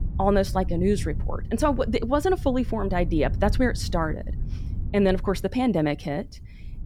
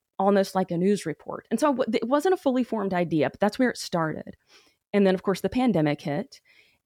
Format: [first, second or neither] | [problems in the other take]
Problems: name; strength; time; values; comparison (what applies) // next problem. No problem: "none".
second | wind noise on the microphone; occasional gusts; 20 dB below the speech